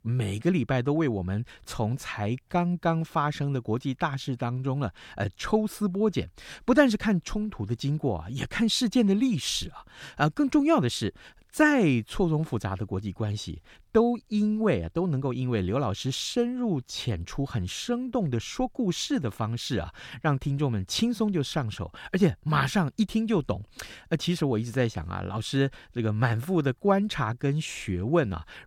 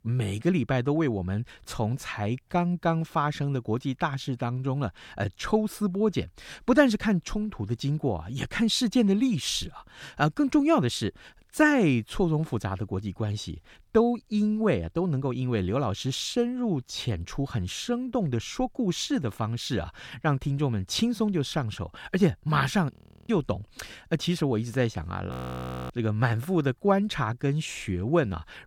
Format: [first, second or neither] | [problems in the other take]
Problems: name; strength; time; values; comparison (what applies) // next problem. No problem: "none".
first | audio freezing; at 23 s and at 25 s for 0.5 s